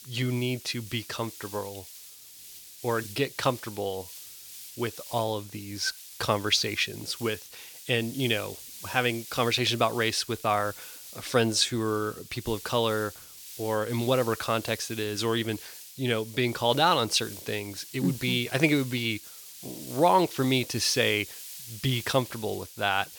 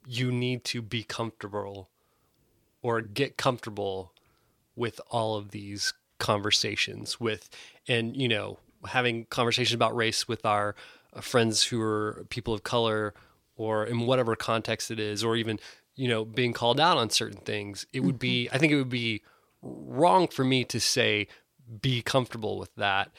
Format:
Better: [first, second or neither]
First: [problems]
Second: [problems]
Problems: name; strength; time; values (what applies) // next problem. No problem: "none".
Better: second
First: hiss; noticeable; throughout; 15 dB below the speech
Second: none